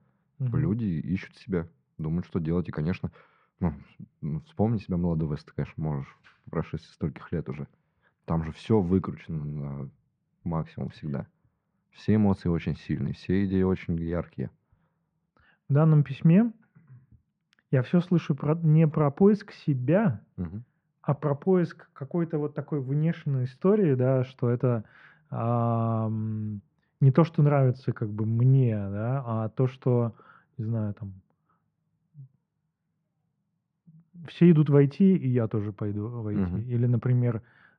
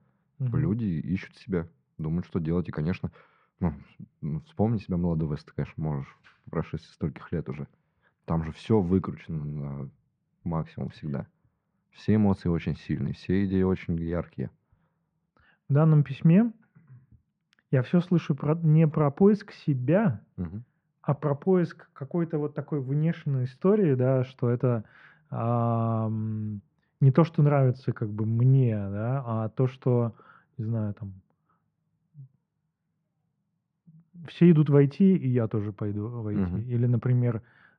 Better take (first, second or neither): neither